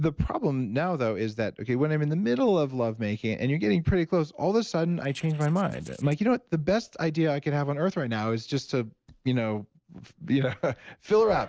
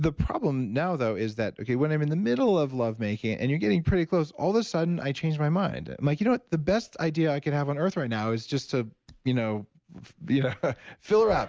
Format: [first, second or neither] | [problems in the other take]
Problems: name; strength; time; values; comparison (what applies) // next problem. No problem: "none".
second | noise reduction (neural separator model SepFormer DNS4)